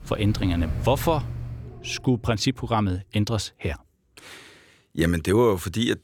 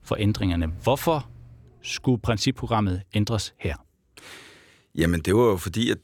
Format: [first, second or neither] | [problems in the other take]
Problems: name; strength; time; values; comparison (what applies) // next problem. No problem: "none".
second | animal sounds; loud; until 1.5 s; 10 dB below the speech; faint in the second